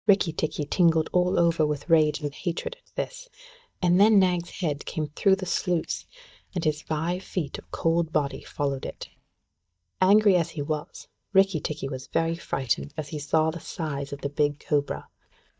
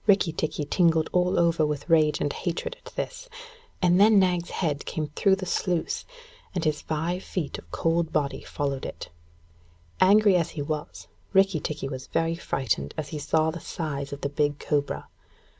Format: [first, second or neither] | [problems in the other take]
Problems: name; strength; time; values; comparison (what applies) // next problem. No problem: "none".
second | noise reduction (neural mask model DeepFilterNet 3)